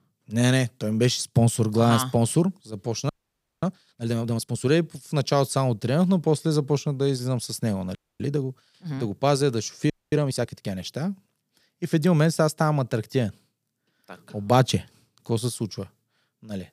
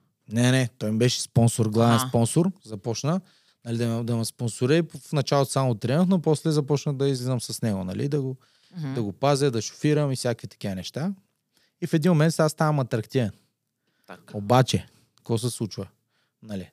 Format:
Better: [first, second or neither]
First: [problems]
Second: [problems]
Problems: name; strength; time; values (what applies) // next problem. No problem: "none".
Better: second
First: audio freezing; at 3 s for 0.5 s, at 8 s and at 10 s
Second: none